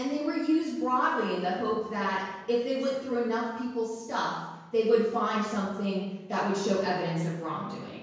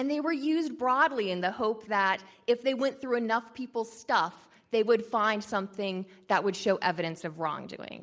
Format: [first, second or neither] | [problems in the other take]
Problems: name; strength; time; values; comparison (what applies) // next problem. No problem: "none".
second | room echo; dies away in 1 s